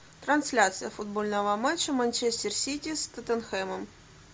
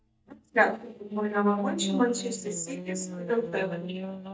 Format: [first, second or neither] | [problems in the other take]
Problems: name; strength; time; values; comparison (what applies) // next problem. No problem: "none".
first | noise reduction (neural mask model DeepFilterNet 3)